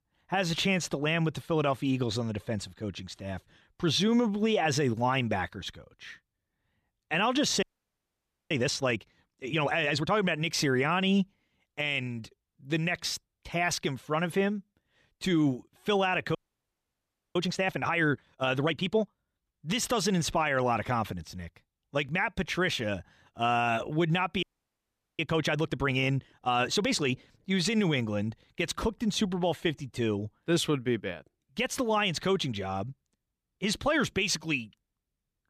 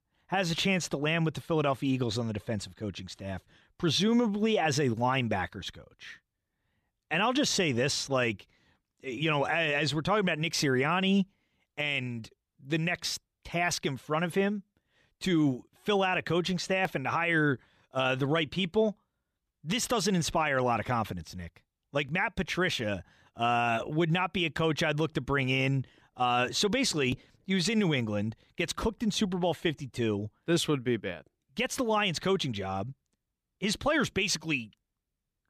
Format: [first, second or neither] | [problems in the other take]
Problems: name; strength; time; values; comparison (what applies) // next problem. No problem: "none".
second | audio freezing; at 7.5 s for 1 s, at 16 s for 1 s and at 24 s for 1 s